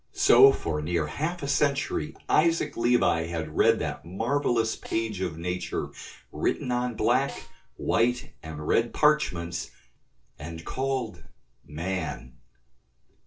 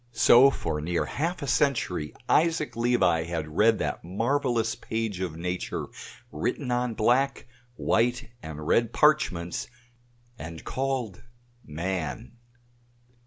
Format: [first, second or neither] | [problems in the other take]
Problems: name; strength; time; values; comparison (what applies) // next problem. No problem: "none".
second | noise reduction (neural separator model SepFormer DNS4)